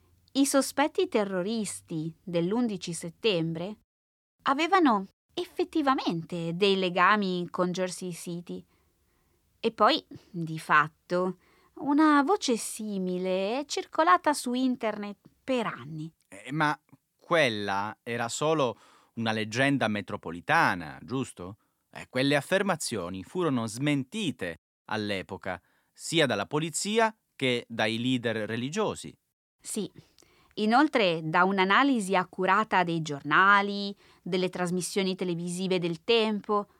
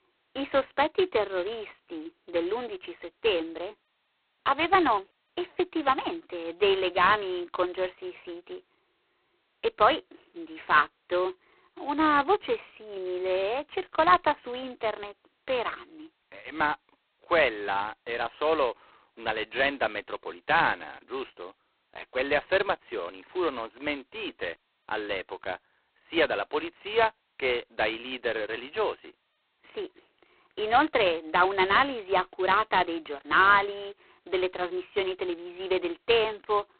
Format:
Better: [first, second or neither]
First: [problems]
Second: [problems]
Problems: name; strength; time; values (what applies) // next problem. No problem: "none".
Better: first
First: none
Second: phone-call audio; poor line; nothing above 4 kHz